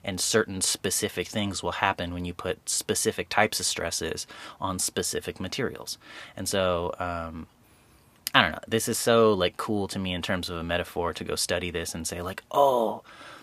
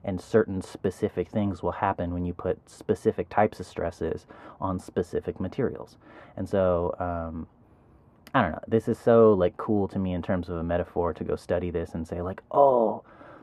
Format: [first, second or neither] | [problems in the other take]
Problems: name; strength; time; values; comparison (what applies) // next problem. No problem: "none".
first | muffled; very; fading above 2 kHz